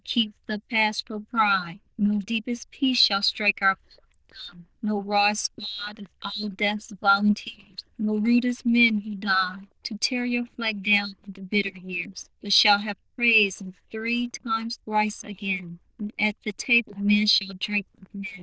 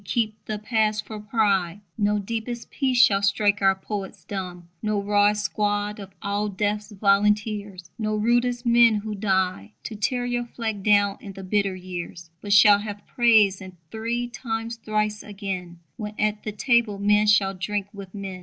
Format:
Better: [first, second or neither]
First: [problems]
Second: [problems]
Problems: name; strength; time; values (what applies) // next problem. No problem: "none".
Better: second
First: noise reduction (neural diffusion model UNIVERSE++)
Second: none